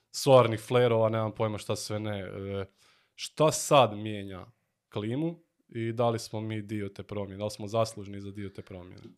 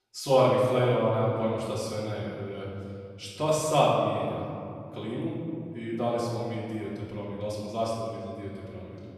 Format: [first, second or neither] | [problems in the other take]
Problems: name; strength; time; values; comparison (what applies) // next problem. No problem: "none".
first | room echo; noticeable; dies away in 2.4 s // off-mic speech; far